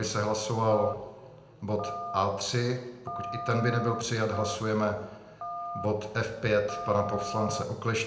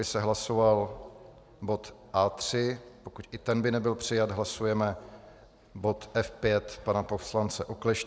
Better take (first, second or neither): second